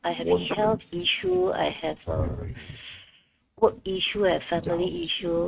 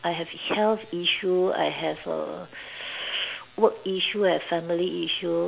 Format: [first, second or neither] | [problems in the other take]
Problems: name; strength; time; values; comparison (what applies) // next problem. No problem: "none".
second | noise reduction (neural mask model RNNoise)